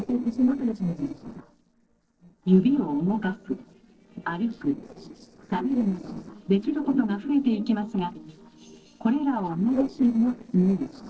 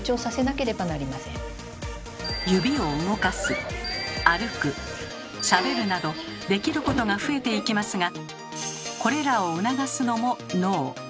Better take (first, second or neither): second